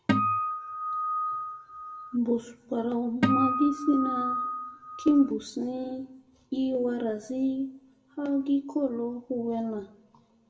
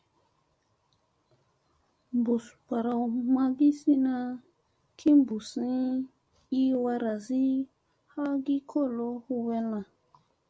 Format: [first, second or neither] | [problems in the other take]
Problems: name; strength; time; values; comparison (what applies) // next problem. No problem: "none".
second | background sound (Acoustic guitar); as loud as the speech // room echo; dies away in 0.7 s